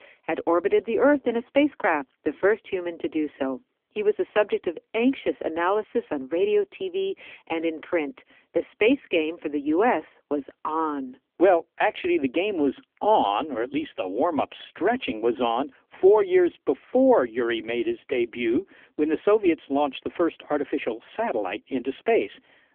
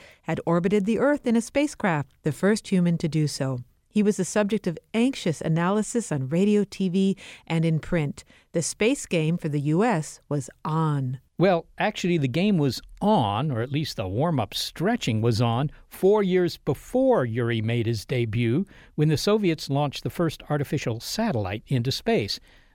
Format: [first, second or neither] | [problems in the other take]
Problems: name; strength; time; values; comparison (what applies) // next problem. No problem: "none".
second | phone-call audio; poor line; nothing above 3.5 kHz